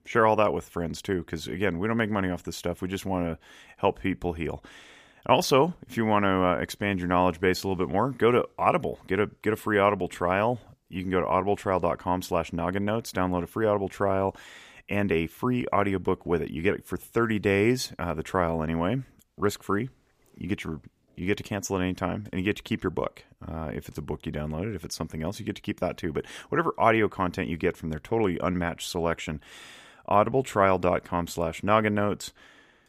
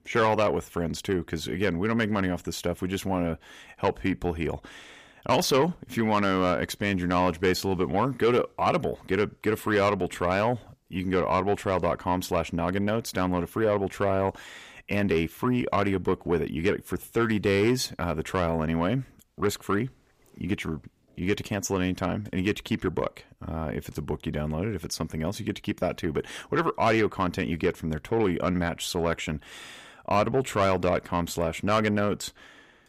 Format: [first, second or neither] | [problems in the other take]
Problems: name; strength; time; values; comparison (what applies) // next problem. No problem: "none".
first | distortion; slight; 10 dB below the speech